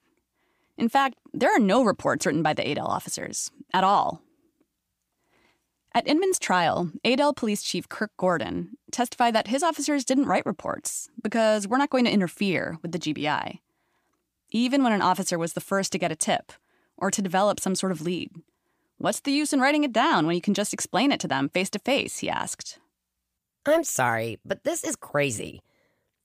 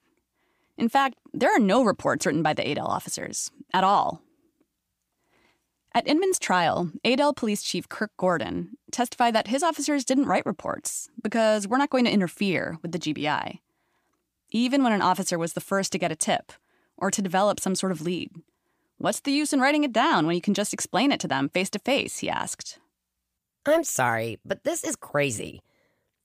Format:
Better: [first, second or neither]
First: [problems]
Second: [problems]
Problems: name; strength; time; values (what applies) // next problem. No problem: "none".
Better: neither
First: none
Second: none